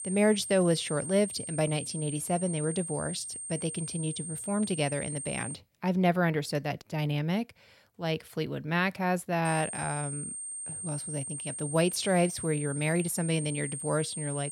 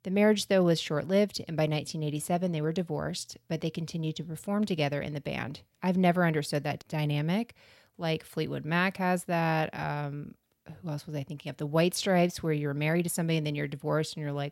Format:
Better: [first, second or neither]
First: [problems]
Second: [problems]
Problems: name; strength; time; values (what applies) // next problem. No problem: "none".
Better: second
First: high-pitched whine; loud; until 5.5 s and from 9.5 s on; 8.5 kHz, 6 dB below the speech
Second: none